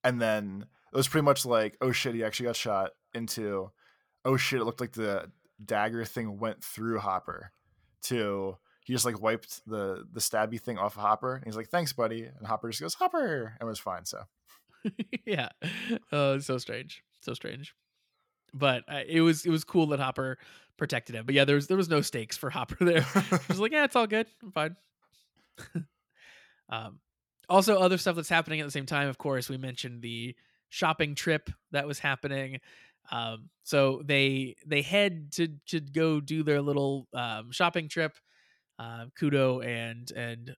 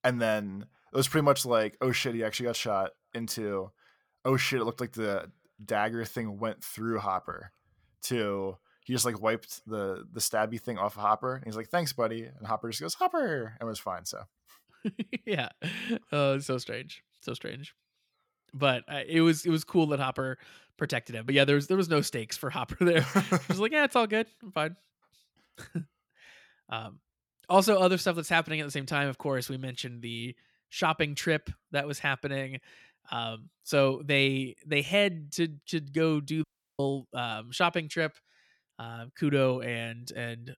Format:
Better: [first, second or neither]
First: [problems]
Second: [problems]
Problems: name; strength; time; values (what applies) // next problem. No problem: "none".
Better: first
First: none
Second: audio cutting out; at 36 s